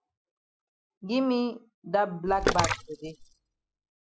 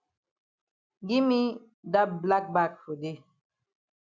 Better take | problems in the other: second | noise reduction (classical method spectral subtraction)

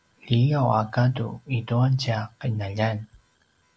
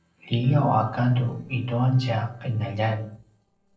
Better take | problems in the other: first | noise reduction (neural separator model SepFormer DNS4)

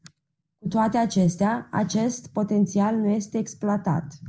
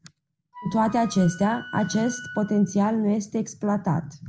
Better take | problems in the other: first | background sound (Wind instrument, woodwind instrument); 16 dB below the speech

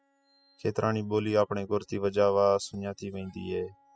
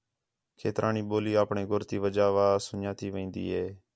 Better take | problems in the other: second | noise reduction (classical method spectral subtraction)

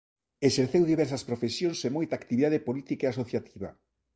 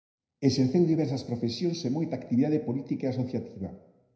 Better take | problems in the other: first | room echo; dies away in 0.8 s

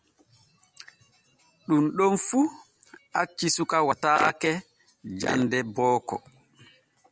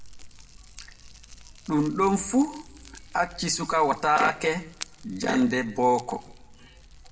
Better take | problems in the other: first | background sound (Fire); 18 dB below the speech // room echo; dies away in 0.6 s

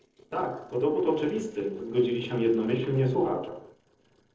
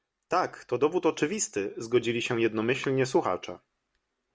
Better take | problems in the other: second | noise reduction (neural separator model SepFormer DNS4)

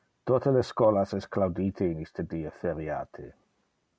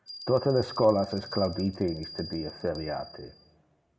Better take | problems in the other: first | background sound (Bell); 15 dB below the speech // room echo; dies away in 1.5 s

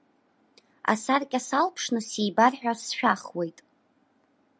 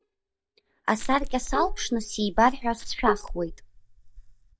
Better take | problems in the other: first | noise reduction (neural mask model DeepFilterNet 3)

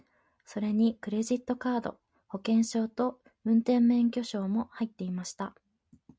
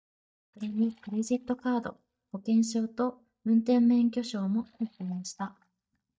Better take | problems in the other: first | noise reduction (neural mask model DeepFilterNet 3)

